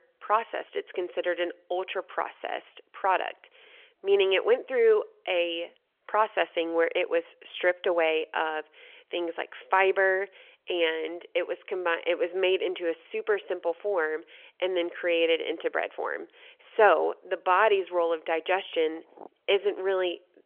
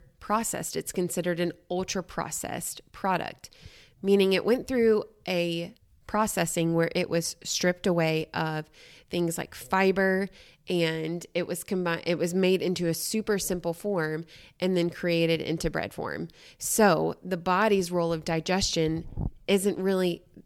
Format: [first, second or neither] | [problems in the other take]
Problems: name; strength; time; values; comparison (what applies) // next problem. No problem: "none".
second | phone-call audio; nothing above 3.5 kHz